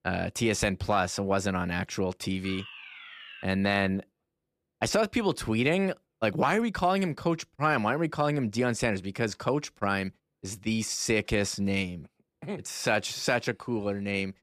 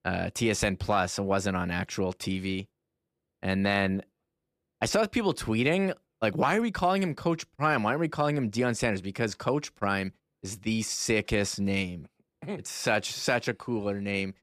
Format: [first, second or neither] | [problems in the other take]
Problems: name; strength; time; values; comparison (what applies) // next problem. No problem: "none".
second | alarm; faint; at 2.5 s; peak 15 dB below the speech